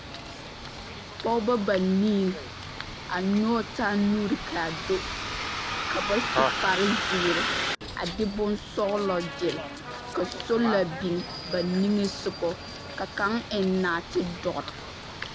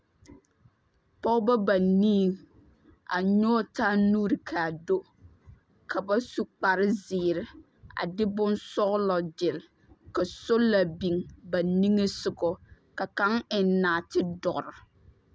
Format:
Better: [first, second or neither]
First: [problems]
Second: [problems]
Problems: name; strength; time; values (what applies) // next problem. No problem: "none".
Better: second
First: background sound (Bus); 5 dB below the speech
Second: none